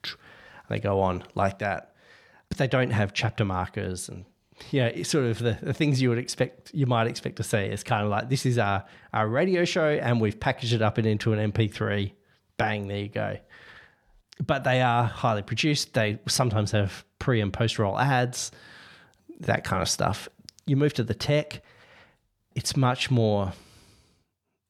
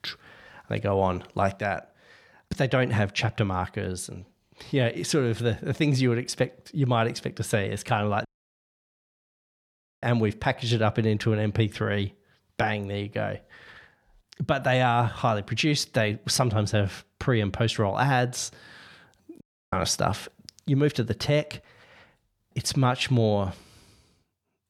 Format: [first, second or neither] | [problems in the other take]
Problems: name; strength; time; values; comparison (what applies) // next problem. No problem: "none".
first | audio cutting out; at 8.5 s for 2 s and at 19 s